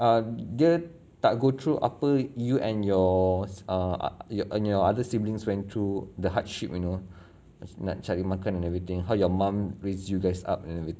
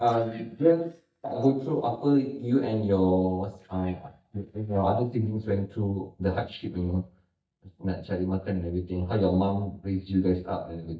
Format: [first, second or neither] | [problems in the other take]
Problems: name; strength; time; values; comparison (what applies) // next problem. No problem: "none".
first | noise reduction (neural mask model DeepFilterNet 3)